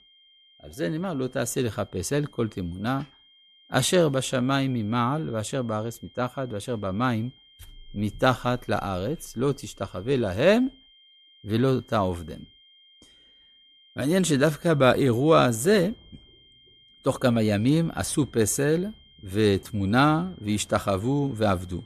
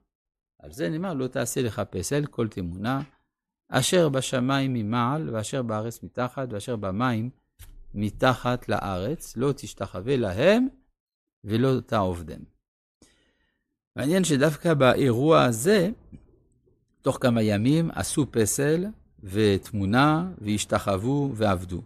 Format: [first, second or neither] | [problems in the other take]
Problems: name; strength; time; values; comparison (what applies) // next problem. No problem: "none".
second | high-pitched whine; faint; throughout; 3 kHz, 30 dB below the speech